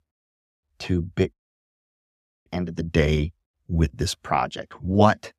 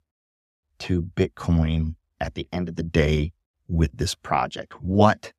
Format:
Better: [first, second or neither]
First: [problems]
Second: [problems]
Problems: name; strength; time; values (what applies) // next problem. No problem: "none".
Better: second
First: audio cutting out; at 1.5 s for 1 s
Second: none